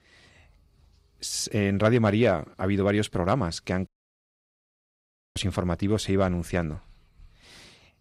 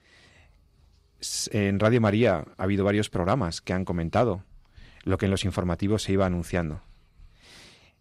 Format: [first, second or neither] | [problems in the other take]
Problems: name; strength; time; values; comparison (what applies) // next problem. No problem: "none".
second | audio cutting out; at 4 s for 1.5 s